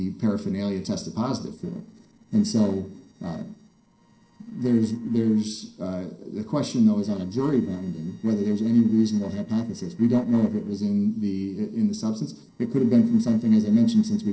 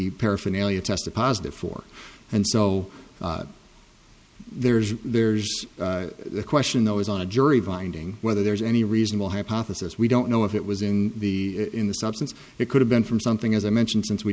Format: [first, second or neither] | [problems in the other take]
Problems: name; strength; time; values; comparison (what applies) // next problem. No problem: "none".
second | noise reduction (neural separator model SepFormer DNS4)